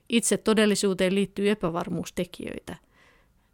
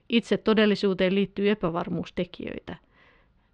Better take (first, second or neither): first